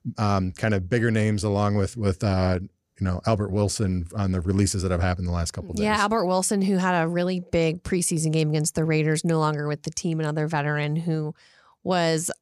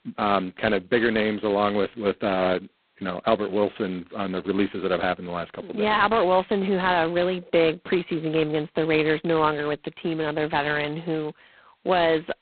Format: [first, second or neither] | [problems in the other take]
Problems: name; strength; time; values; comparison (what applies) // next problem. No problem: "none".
first | phone-call audio; poor line; nothing above 4 kHz